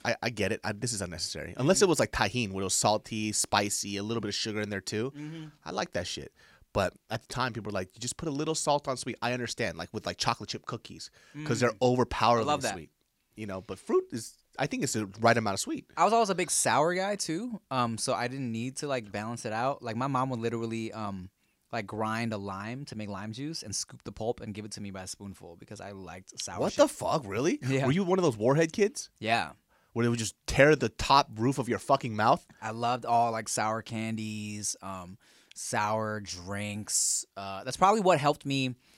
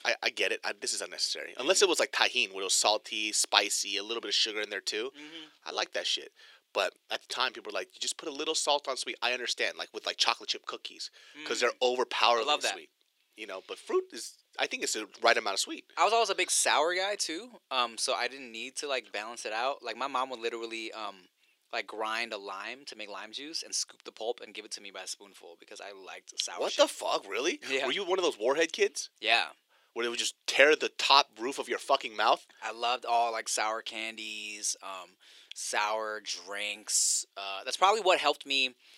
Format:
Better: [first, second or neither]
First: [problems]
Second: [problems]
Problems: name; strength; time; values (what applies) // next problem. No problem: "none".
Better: first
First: none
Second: thin; very; fading below 350 Hz